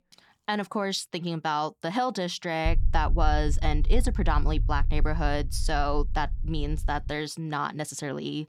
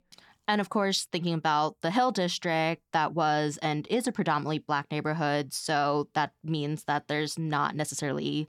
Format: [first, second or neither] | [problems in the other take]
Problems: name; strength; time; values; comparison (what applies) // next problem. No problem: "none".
second | low rumble; faint; from 2.5 to 7 s; 20 dB below the speech